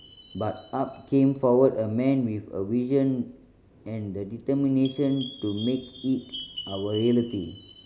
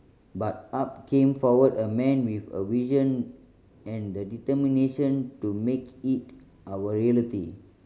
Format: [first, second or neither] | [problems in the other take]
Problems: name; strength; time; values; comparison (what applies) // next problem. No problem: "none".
second | background sound (Chime); 19 dB below the speech